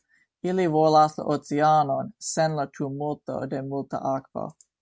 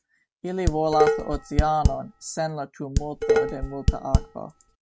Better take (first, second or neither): first